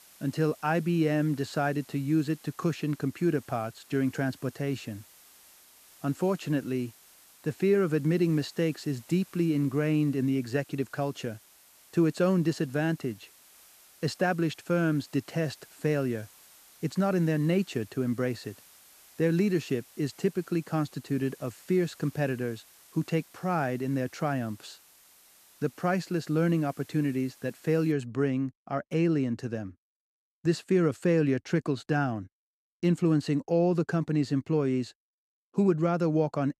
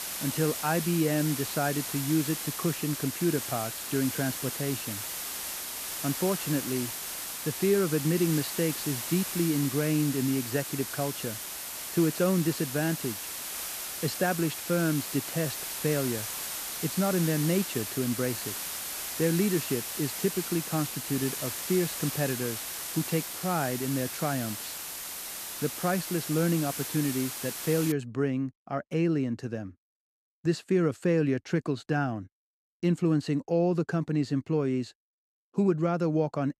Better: first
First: hiss; faint; until 28 s; 25 dB below the speech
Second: hiss; loud; until 28 s; 4 dB below the speech

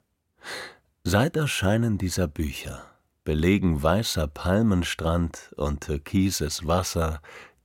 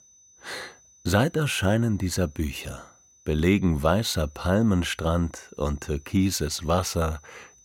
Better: first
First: none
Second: high-pitched whine; faint; throughout; 6 kHz, 30 dB below the speech

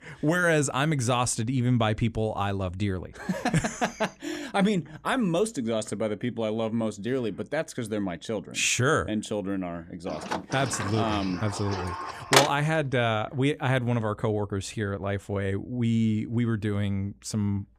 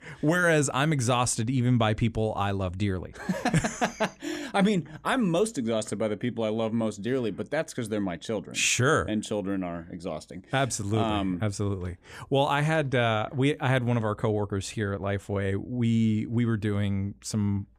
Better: second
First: door banging; loud; from 10 to 12 s; peak 6 dB above the speech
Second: none

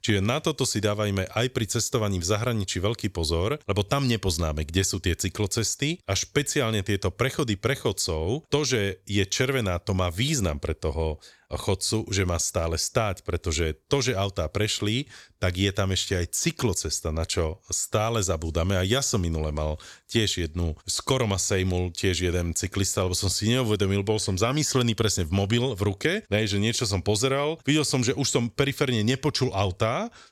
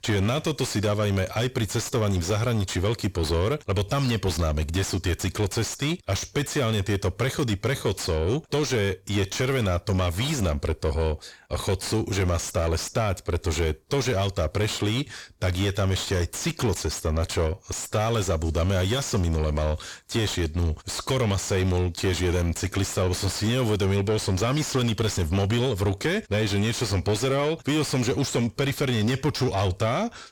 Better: first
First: none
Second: distortion; heavy; 8 dB below the speech

